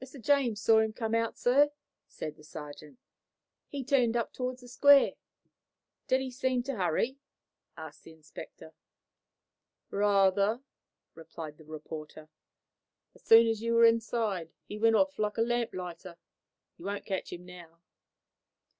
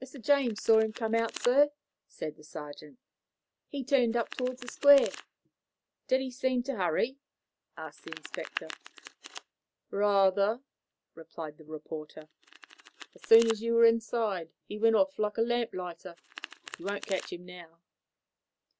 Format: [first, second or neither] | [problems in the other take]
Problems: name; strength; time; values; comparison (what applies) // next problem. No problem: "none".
first | background sound (Domestic sounds, home sounds); 19 dB below the speech